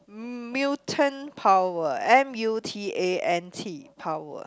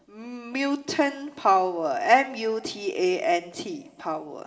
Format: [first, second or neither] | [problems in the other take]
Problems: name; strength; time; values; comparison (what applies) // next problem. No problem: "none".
first | room echo; dies away in 2.6 s